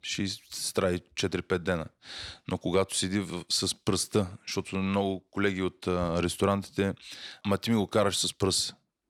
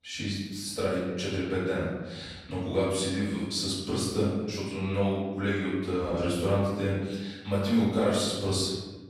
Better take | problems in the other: first | room echo; strong; dies away in 1.2 s // off-mic speech; far

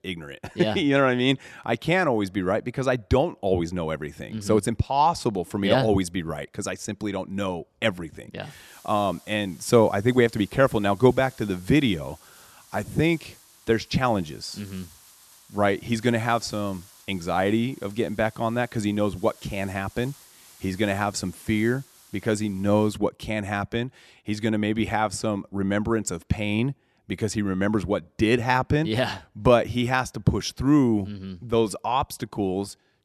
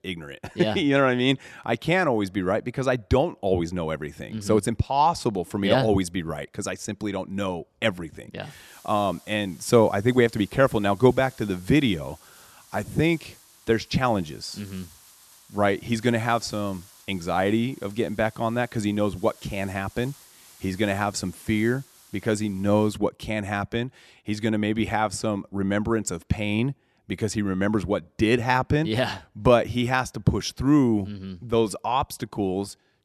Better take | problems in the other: neither | hiss; faint; from 8.5 to 23 s; 25 dB below the speech; the same in both

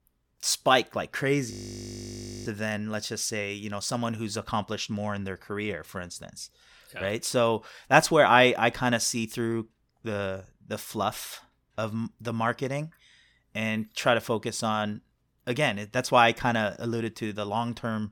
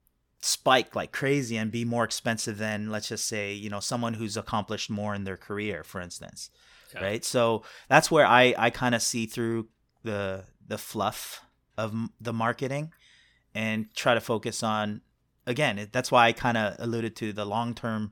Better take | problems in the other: second | audio freezing; at 1.5 s for 1 s

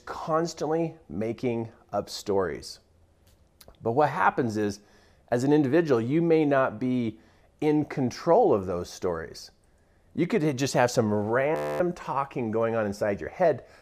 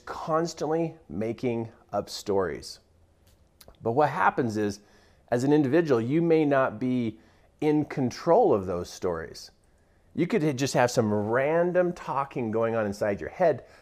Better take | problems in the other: second | audio freezing; at 12 s

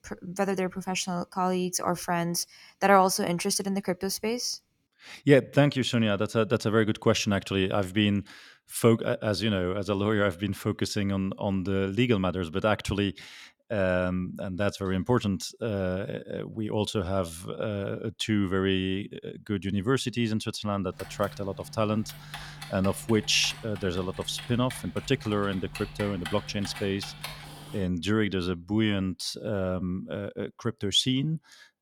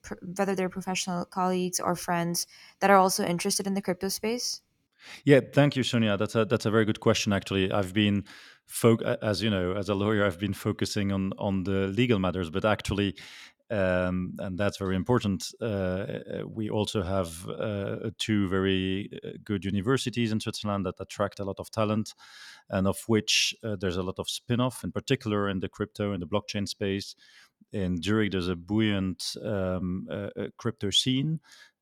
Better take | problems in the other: second | keyboard typing; faint; from 21 to 28 s; peak 10 dB below the speech

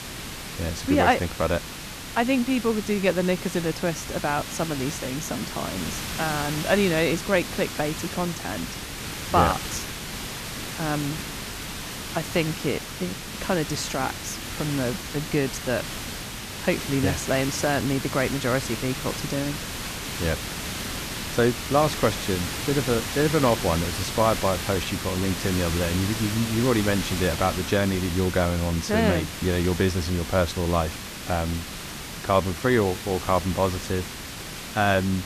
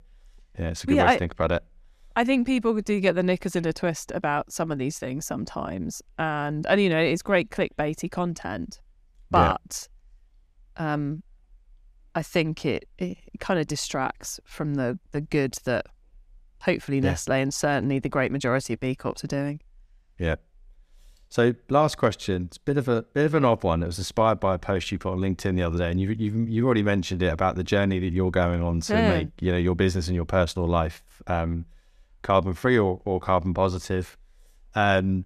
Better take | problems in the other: second | hiss; loud; throughout; 6 dB below the speech

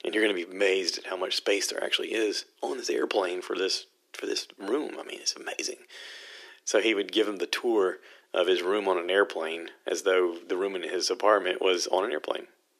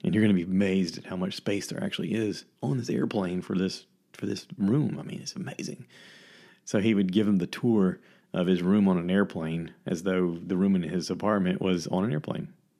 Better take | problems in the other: second | thin; very; fading below 350 Hz

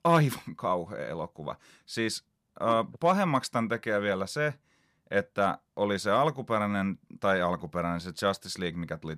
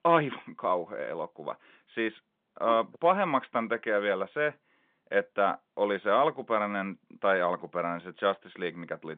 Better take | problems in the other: first | phone-call audio; nothing above 3.5 kHz

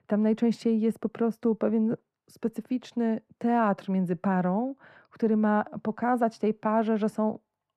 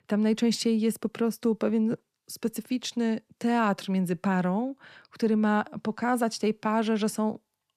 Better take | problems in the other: second | muffled; very; fading above 2.5 kHz

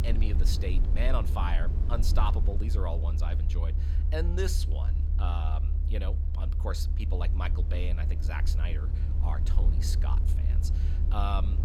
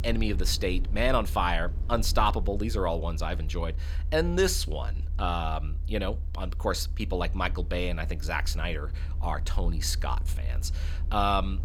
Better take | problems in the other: second | low rumble; loud; throughout; 8 dB below the speech; faint in the second

